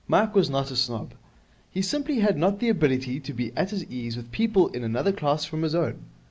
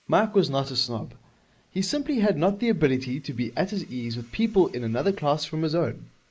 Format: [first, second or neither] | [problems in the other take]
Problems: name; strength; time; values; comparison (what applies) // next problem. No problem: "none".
first | noise reduction (neural mask model Resemble Enhance denoiser)